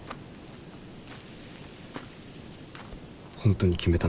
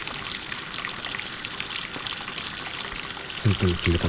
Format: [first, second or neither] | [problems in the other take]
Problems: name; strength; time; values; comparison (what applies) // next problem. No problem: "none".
first | background sound (Water tap, faucet); 3 dB below the speech